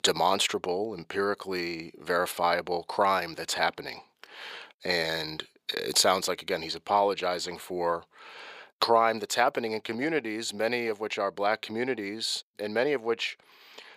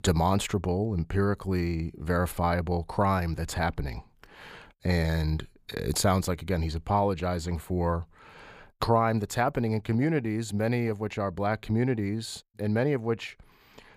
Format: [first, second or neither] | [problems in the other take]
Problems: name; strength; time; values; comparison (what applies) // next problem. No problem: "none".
second | thin; very; fading below 450 Hz